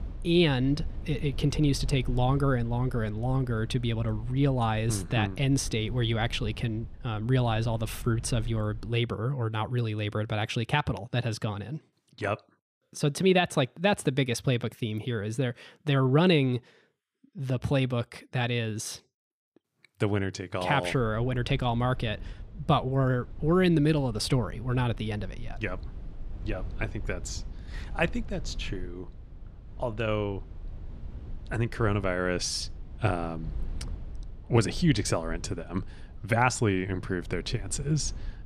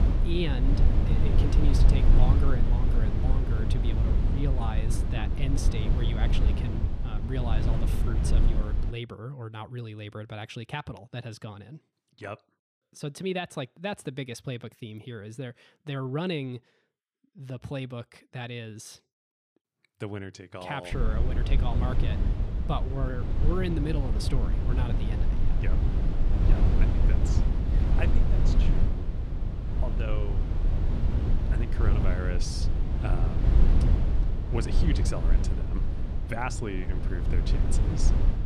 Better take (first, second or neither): first